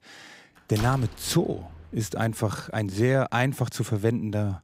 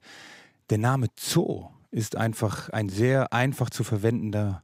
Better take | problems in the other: second | door banging; noticeable; from 1 to 2 s; peak 9 dB below the speech

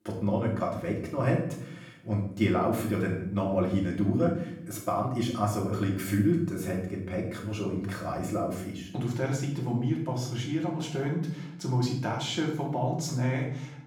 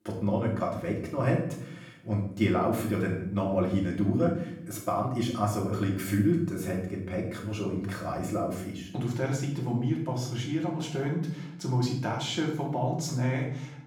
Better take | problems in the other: neither | room echo; noticeable; dies away in 0.6 s; the same in both // off-mic speech; far; the same in both

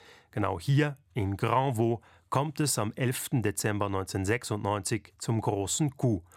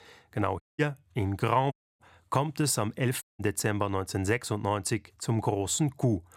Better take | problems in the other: first | audio cutting out; at 0.5 s, at 1.5 s and at 3 s

